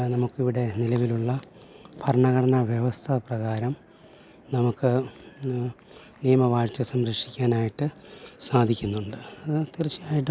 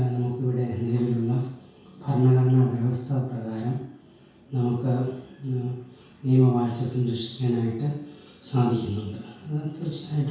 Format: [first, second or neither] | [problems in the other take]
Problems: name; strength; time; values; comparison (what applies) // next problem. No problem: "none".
first | room echo; dies away in 0.6 s